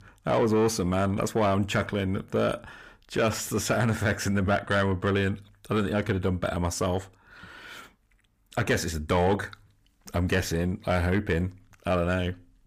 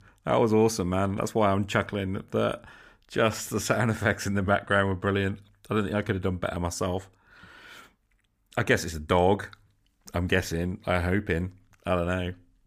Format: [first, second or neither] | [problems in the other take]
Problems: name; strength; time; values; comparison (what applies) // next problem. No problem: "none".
second | distortion; slight; 10 dB below the speech